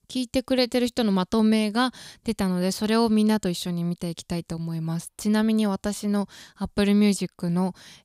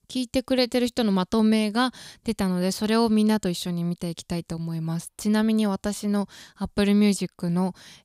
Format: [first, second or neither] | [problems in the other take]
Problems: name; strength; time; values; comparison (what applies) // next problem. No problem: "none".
neither | none